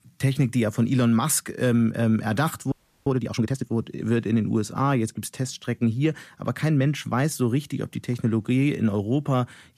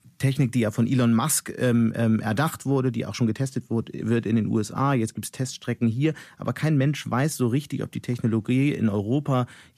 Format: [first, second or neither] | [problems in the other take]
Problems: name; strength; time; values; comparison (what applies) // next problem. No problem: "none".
second | audio freezing; at 2.5 s